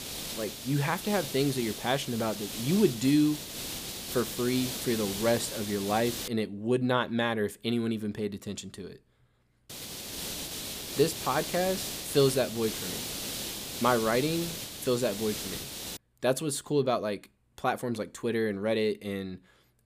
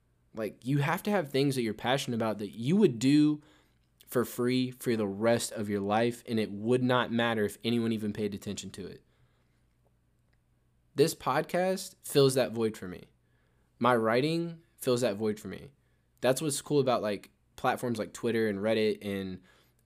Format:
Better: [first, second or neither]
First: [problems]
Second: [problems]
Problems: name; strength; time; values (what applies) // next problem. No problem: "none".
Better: second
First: hiss; loud; until 6.5 s and from 9.5 to 16 s; 6 dB below the speech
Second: none